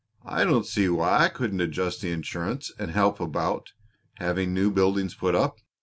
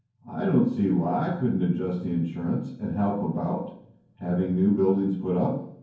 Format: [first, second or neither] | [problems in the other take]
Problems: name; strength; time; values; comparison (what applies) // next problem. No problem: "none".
first | room echo; dies away in 0.9 s